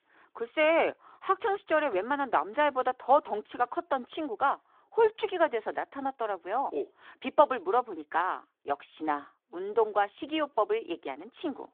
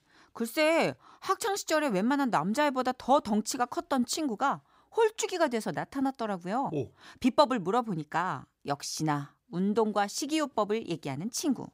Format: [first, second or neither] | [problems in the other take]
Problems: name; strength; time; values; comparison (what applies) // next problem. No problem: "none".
second | phone-call audio